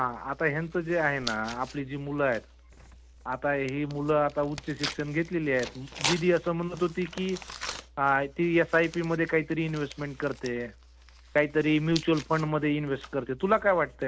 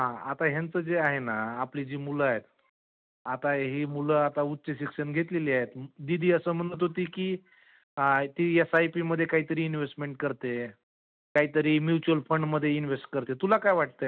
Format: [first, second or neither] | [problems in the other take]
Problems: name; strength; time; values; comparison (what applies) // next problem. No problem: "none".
second | background sound (Tearing); 14 dB below the speech